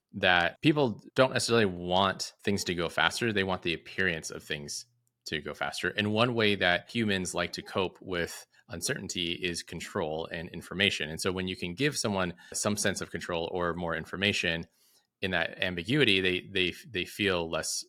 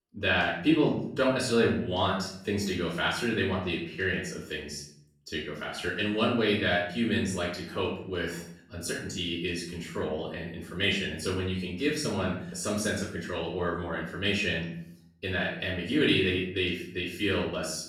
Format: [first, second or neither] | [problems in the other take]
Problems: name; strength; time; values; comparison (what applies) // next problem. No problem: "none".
first | off-mic speech; far // room echo; noticeable; dies away in 0.6 s